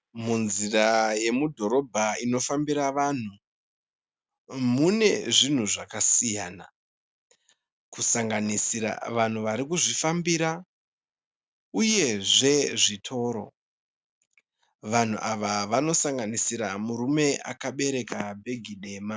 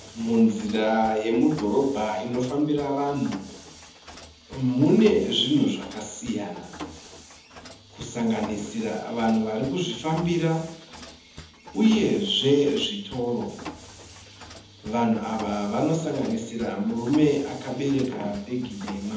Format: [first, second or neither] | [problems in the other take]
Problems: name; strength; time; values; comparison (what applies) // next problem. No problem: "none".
first | background sound (Mechanisms); 17 dB below the speech // room echo; dies away in 1 s